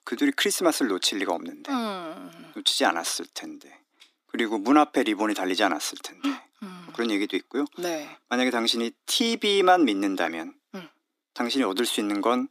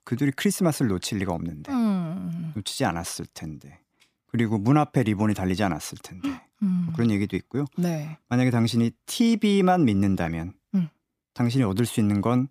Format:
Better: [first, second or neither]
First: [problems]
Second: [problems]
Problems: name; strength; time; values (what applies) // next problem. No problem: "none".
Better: second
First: thin; somewhat; fading below 300 Hz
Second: none